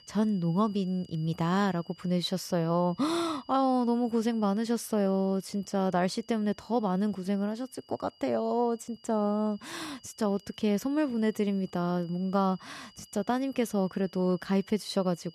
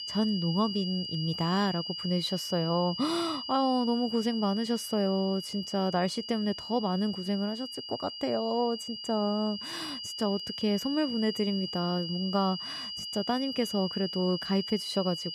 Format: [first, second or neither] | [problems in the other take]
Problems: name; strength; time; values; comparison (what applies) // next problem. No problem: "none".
first | high-pitched whine; loud; throughout; 5 kHz, 6 dB below the speech; faint in the first